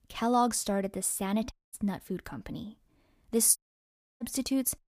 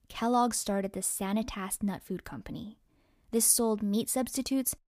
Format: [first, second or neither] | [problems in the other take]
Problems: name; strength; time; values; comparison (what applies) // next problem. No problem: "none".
second | audio cutting out; at 1.5 s and at 3.5 s for 0.5 s